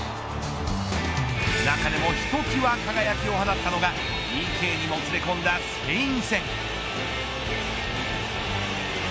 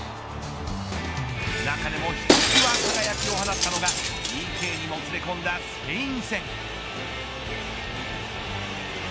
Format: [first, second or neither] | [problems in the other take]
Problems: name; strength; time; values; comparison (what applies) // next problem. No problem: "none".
first | background sound (Shatter); 3 dB above the speech